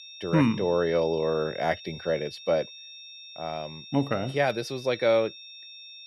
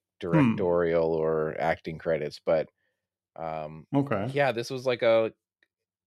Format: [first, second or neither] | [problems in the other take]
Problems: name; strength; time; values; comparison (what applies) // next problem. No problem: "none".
second | high-pitched whine; noticeable; throughout; 3.5 kHz, 15 dB below the speech